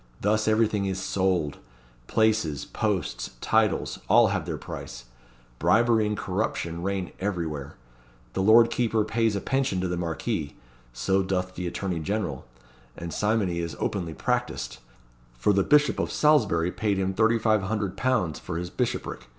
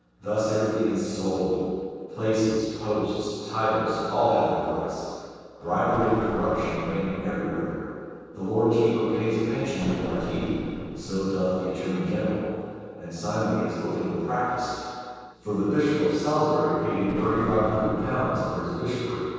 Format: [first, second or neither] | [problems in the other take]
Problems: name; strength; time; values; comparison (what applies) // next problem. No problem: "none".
first | noise reduction (neural separator model SepFormer DNS4)